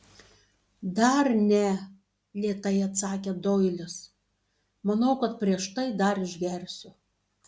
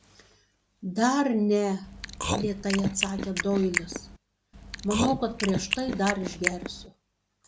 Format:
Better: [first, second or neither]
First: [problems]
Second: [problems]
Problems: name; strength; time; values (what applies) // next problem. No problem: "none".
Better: first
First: none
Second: background sound (Chewing, mastication); 3 dB below the speech